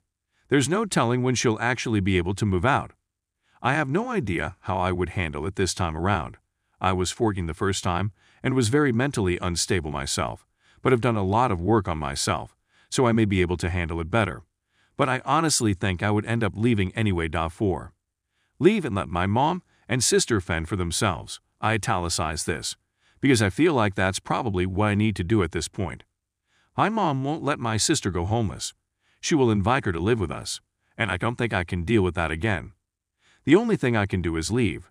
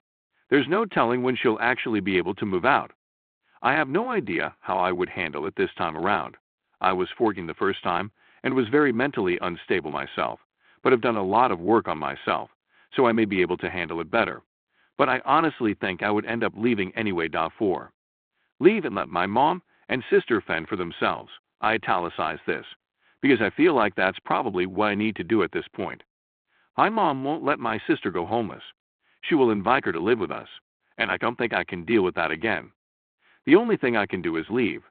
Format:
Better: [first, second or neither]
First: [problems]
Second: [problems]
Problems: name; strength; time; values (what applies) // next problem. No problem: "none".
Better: first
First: none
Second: phone-call audio; nothing above 3.5 kHz